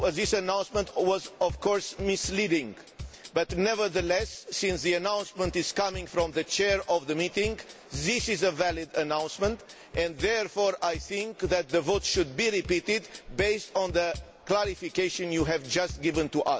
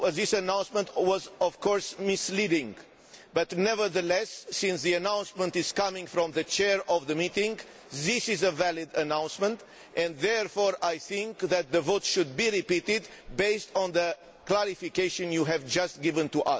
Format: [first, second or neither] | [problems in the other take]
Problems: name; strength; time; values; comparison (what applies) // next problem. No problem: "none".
second | background sound (Bass drum / Drum kit); 15 dB below the speech